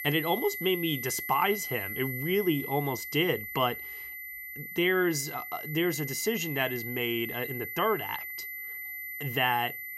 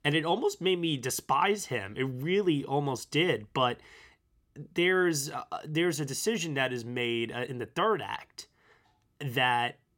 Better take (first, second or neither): second